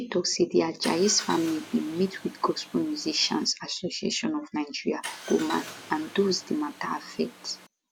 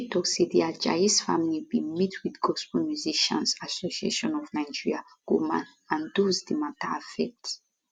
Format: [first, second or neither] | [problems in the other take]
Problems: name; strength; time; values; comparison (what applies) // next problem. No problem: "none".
second | background sound (Car); 14 dB below the speech